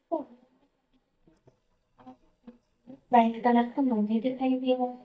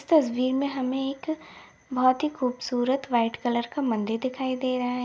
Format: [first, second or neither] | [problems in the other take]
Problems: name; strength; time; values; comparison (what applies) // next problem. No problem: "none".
second | noise reduction (neural mask model DeepFilterNet 3)